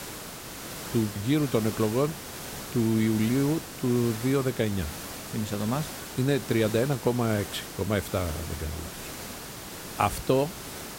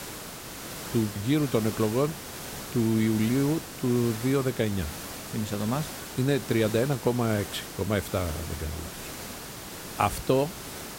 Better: neither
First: hiss; loud; throughout; 10 dB below the speech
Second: hiss; loud; throughout; 10 dB below the speech

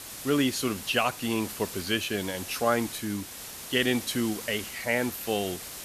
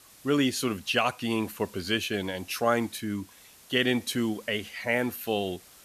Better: second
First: hiss; loud; throughout; 9 dB below the speech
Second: hiss; faint; throughout; 25 dB below the speech

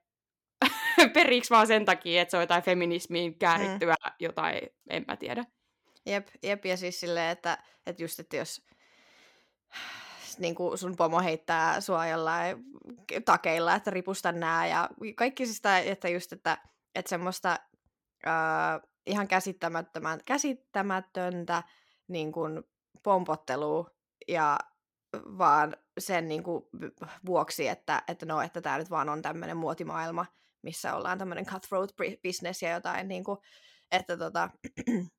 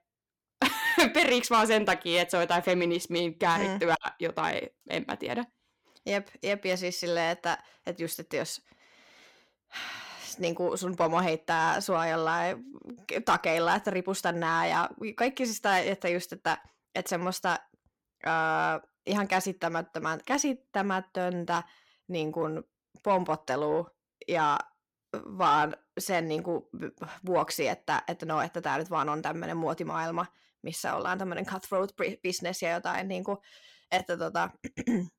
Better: first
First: none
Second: distortion; slight; 10 dB below the speech

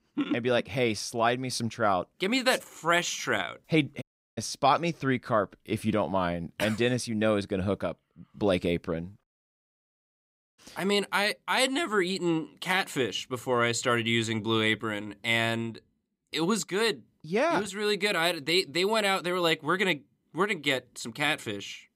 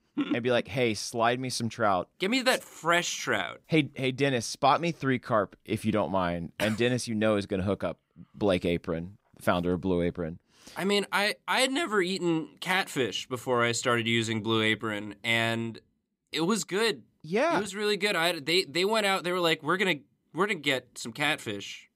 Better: second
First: audio cutting out; at 4 s and at 9 s for 1.5 s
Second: none

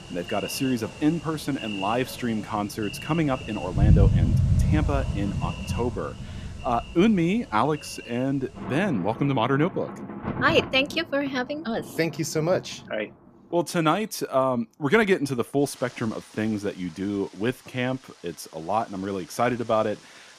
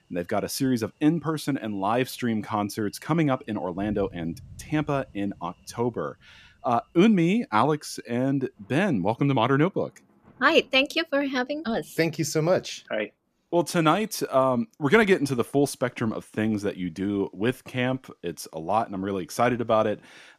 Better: second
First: rain or running water; loud; throughout; 3 dB below the speech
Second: rain or running water; faint; throughout; 30 dB below the speech

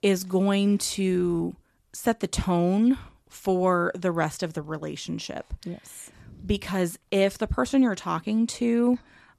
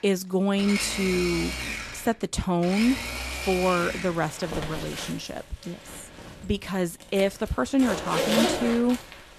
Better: first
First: none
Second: household noises; loud; throughout; 4 dB below the speech

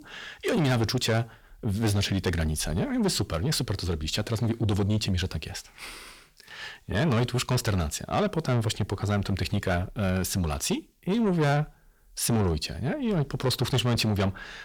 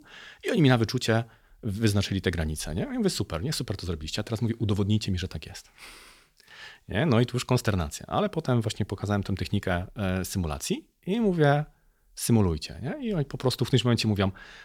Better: second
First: distortion; heavy; 7 dB below the speech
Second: none

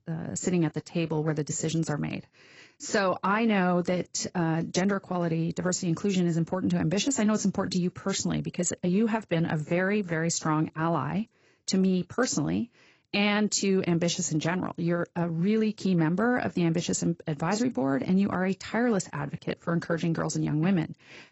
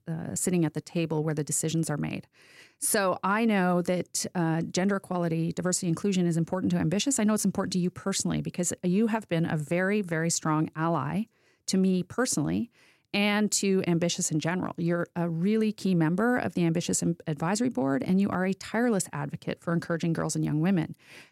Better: second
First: garbled, watery; badly; nothing above 8 kHz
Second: none

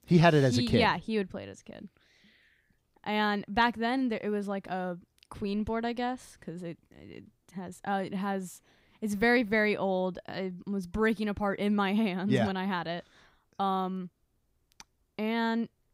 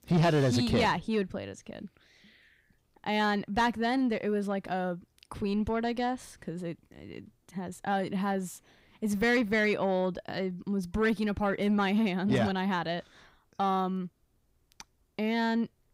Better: first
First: none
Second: distortion; slight; 10 dB below the speech

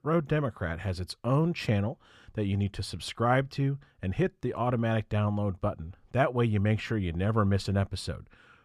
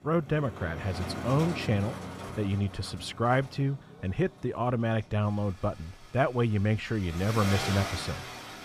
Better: first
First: none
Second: traffic noise; loud; throughout; 8 dB below the speech

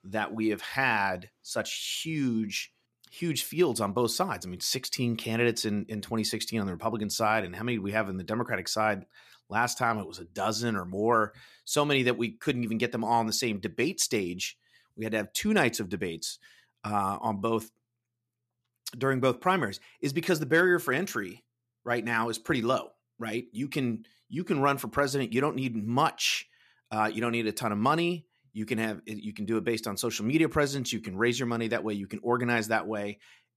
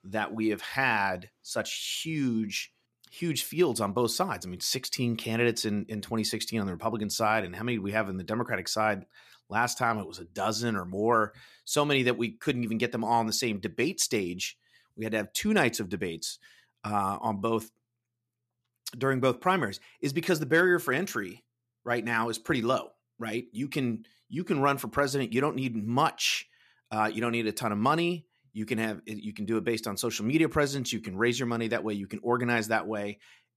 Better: neither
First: none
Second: none

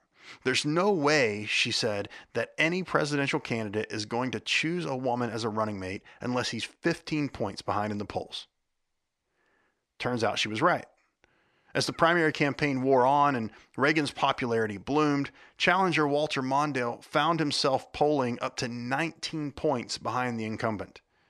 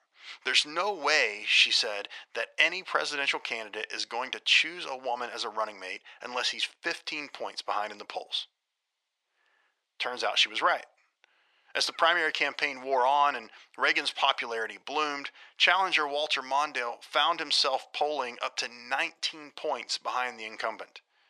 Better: first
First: none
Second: thin; very; fading below 700 Hz

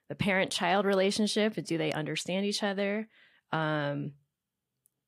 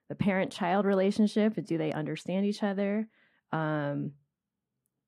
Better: first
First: none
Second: muffled; slightly; fading above 2 kHz

